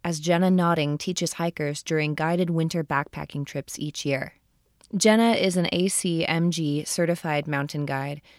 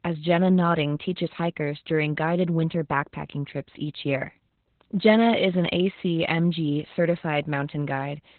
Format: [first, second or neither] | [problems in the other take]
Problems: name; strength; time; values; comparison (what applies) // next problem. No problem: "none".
first | garbled, watery; badly; nothing above 4 kHz